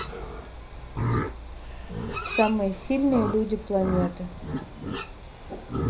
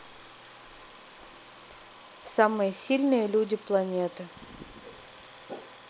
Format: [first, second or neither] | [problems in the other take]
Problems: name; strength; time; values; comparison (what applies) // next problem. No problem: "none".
second | background sound (Livestock, farm animals, working animals); 3 dB below the speech // room echo; dies away in 0.4 s